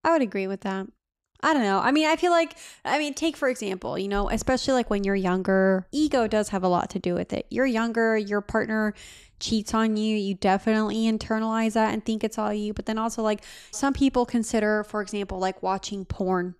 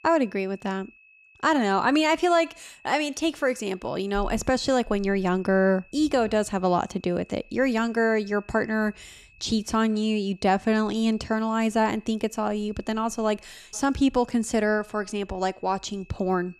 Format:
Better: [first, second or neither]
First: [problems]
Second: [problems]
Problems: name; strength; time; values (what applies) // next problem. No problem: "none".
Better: first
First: none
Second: high-pitched whine; faint; throughout; 2.5 kHz, 30 dB below the speech